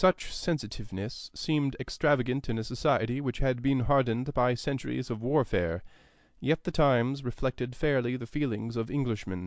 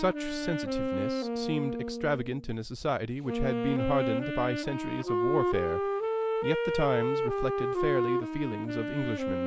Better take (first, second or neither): first